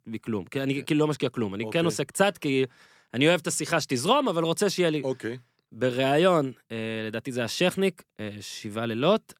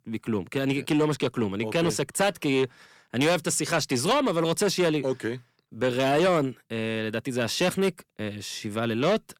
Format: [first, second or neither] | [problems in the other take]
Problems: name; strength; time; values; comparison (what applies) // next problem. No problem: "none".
first | distortion; slight; 10 dB below the speech